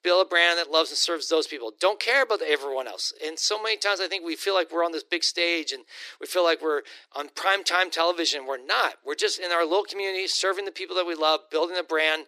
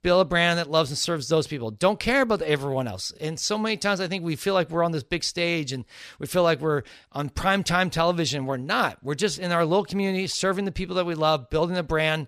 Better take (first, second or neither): second